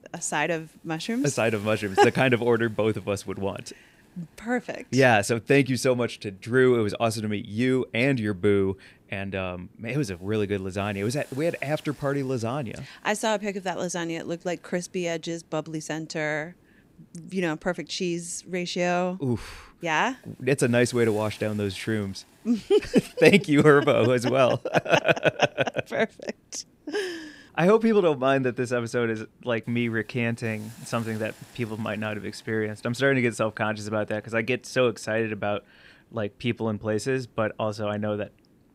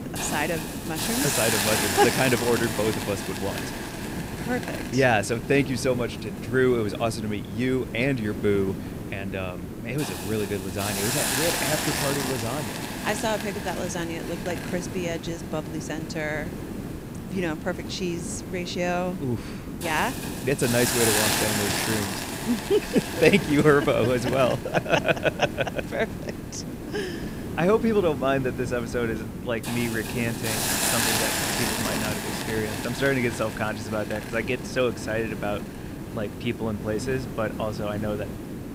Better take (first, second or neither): first